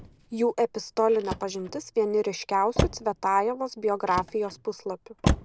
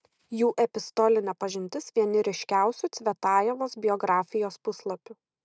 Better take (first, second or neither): second